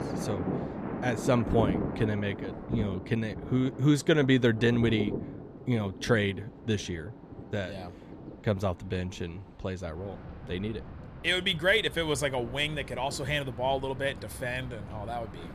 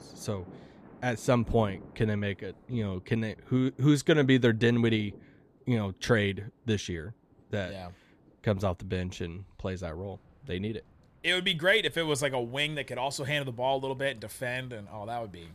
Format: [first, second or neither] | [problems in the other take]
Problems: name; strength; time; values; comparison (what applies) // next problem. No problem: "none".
second | rain or running water; loud; throughout; 9 dB below the speech; faint in the second